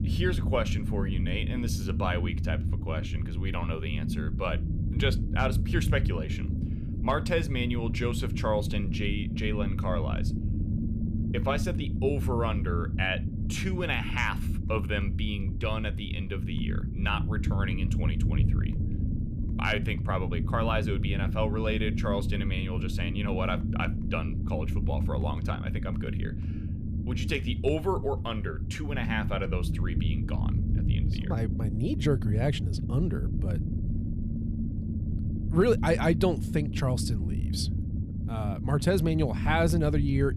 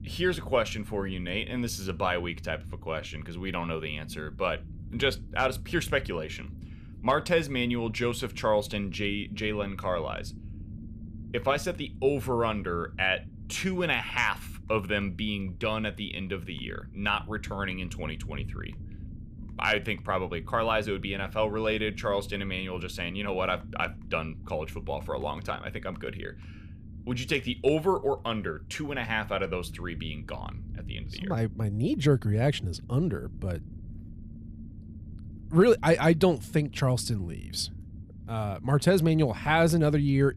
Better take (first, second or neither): second